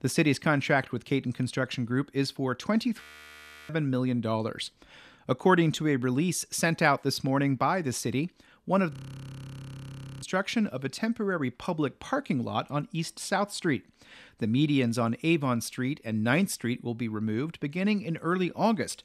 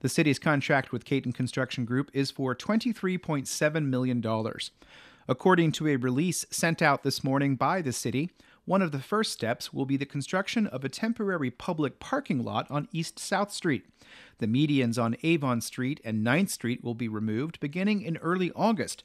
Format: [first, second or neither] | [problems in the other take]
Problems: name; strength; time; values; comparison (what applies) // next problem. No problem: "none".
second | audio freezing; at 3 s for 0.5 s and at 9 s for 1.5 s